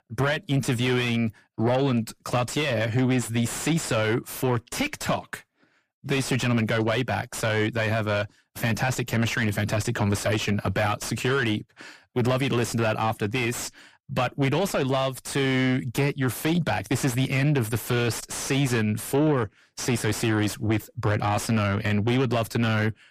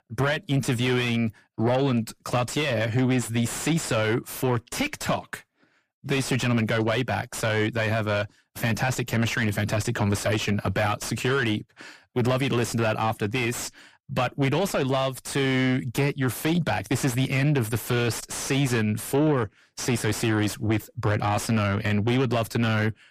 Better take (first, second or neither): neither